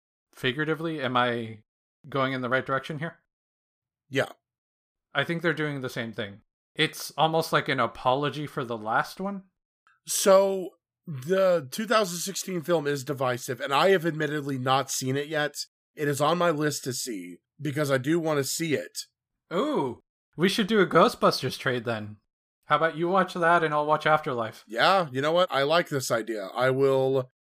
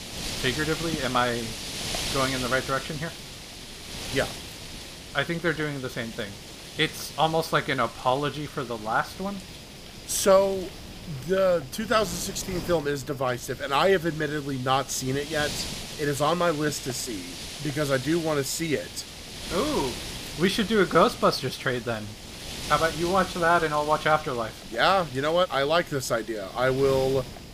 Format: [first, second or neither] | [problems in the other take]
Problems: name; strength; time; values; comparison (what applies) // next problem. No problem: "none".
first | wind noise on the microphone; occasional gusts; 10 dB below the speech